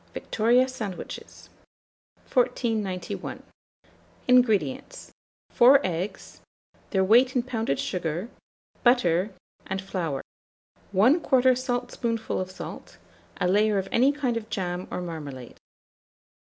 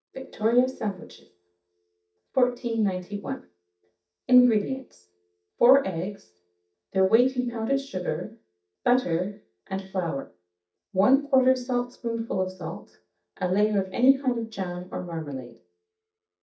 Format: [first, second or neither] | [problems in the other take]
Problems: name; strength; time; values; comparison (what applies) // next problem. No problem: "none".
first | noise reduction (neural mask model DeepFilterNet 3)